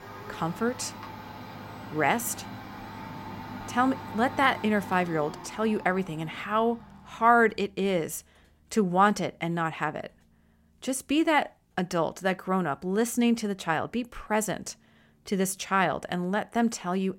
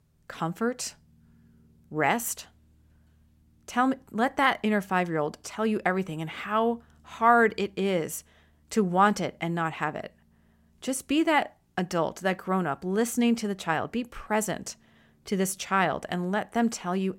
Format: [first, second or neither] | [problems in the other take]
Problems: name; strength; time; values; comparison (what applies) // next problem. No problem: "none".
second | household noises; noticeable; throughout; 15 dB below the speech